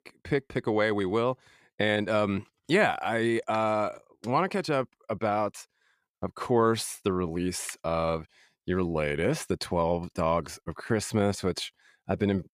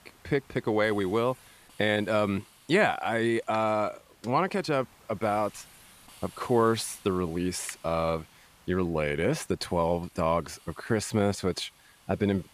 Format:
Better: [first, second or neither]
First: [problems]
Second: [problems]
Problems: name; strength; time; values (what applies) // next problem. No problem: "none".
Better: first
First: none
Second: hiss; faint; throughout; 25 dB below the speech